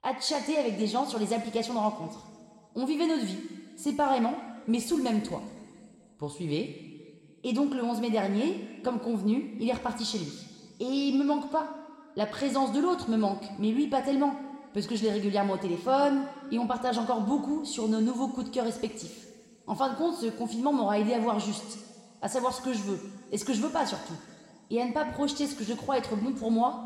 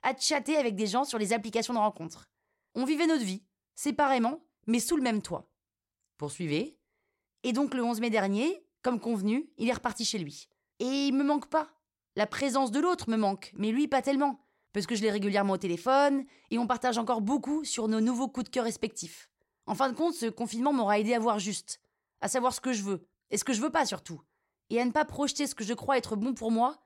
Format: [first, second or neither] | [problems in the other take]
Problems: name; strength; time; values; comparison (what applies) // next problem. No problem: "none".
second | room echo; slight; dies away in 1.9 s